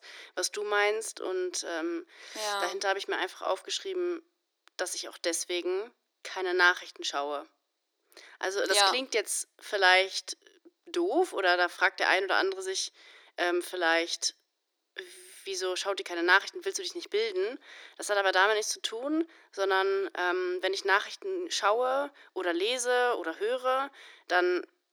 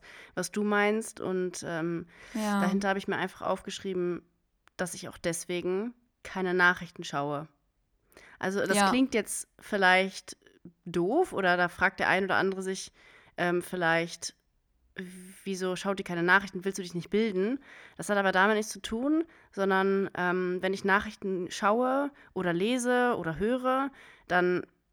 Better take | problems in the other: second | thin; very; fading below 300 Hz

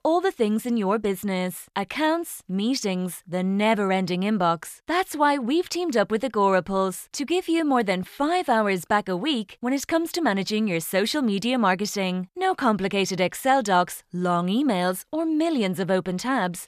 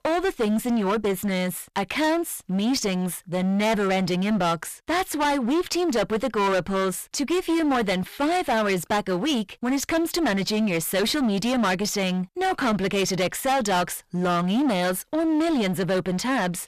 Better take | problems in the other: first | distortion; heavy; 22% of the sound clipped

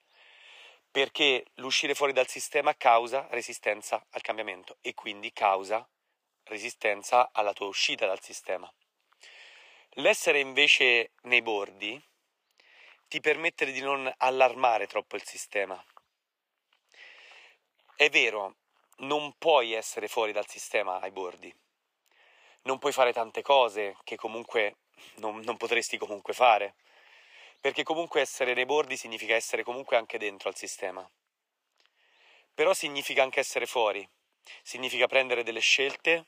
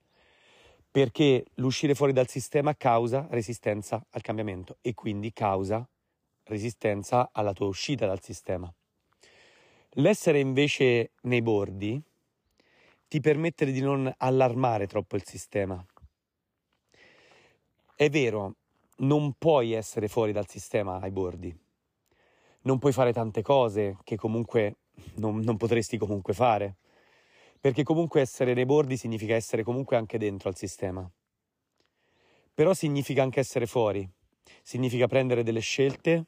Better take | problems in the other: second | thin; very; fading below 750 Hz

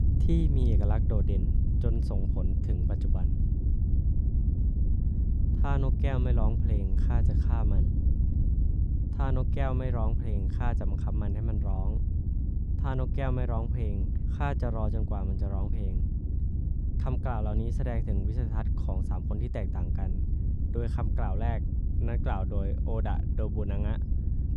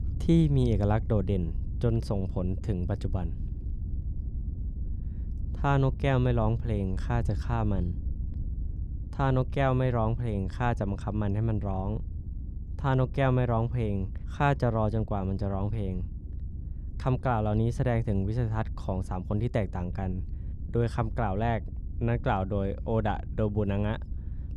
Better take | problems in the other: second | low rumble; loud; throughout; 5 dB below the speech; faint in the second

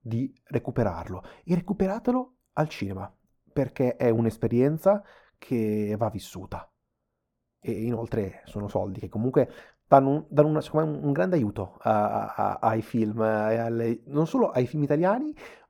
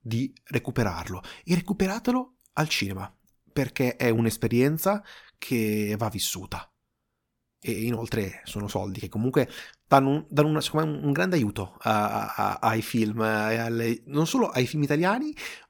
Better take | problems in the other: second | muffled; very; fading above 2 kHz

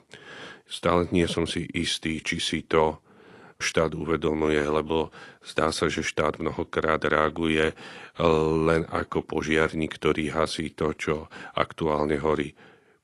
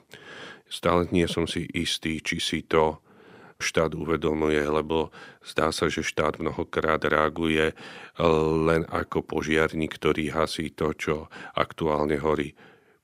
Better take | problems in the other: second | garbled, watery; slightly; nothing above 11 kHz

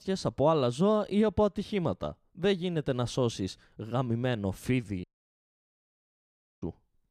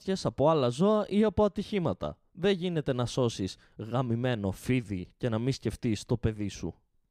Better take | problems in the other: second | audio cutting out; at 5 s for 1.5 s

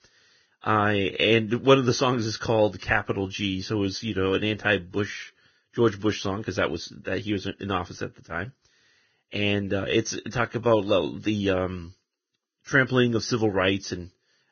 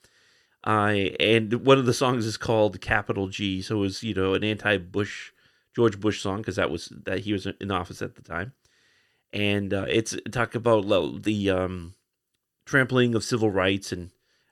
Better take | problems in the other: second | garbled, watery; badly; nothing above 6.5 kHz

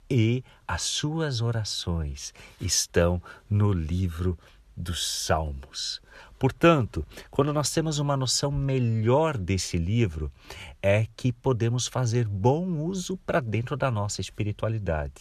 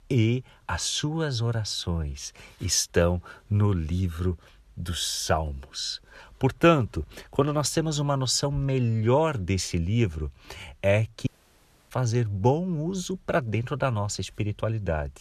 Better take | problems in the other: first | audio cutting out; at 11 s for 0.5 s

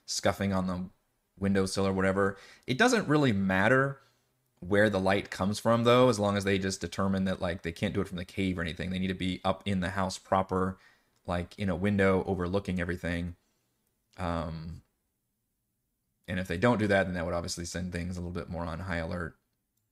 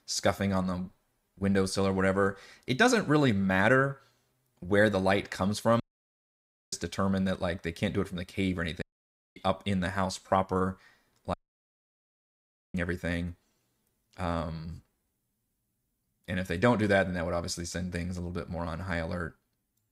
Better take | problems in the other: first | audio cutting out; at 6 s for 1 s, at 9 s for 0.5 s and at 11 s for 1.5 s

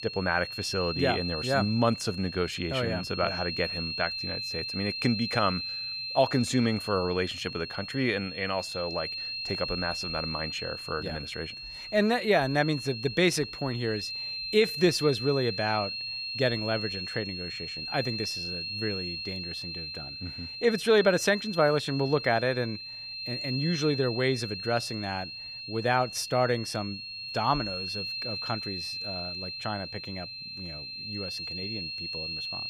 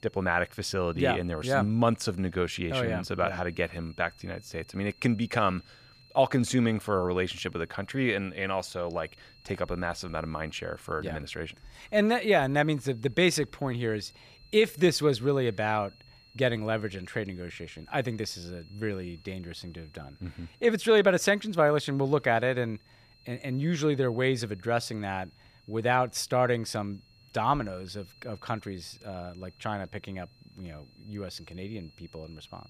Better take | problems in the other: second | high-pitched whine; loud; throughout; 4 kHz, 5 dB below the speech; faint in the second

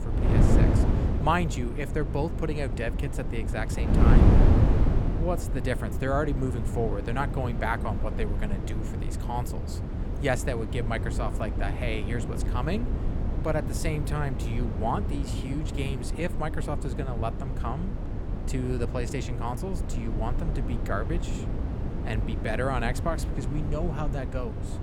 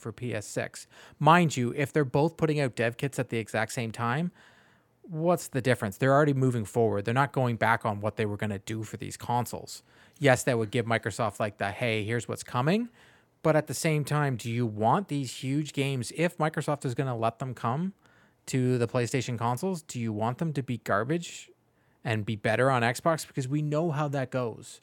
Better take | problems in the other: second | wind noise on the microphone; heavy; 5 dB below the speech

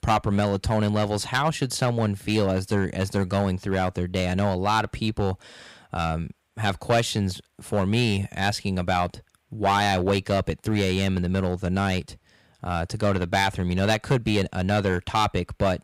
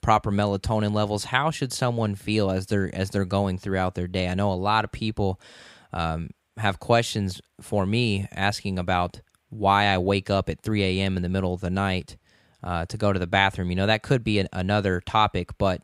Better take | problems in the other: second | distortion; slight; 4% of the sound clipped

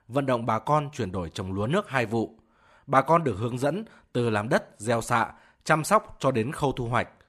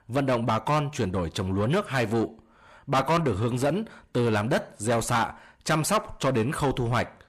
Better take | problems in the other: first | distortion; heavy; 7 dB below the speech

